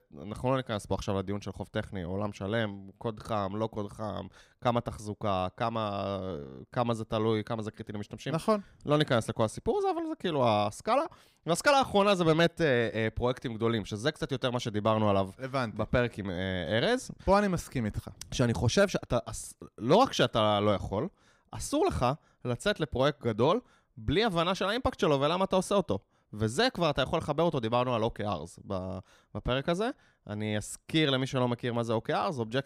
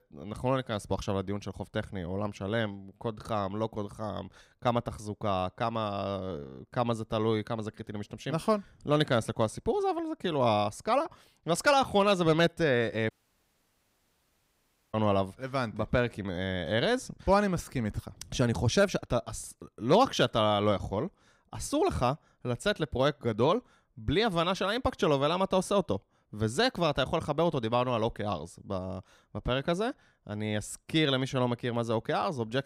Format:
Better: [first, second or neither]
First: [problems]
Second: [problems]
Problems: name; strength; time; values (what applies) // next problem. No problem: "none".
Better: first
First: none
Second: audio cutting out; at 13 s for 2 s